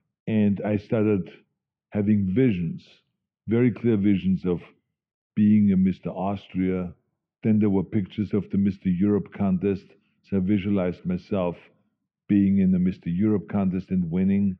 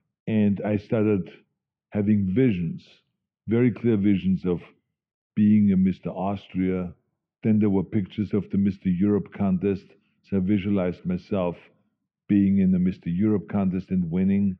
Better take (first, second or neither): neither